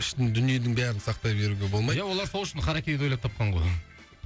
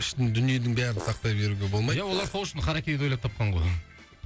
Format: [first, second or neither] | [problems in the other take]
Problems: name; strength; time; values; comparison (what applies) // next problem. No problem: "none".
first | background sound (Fart); 13 dB below the speech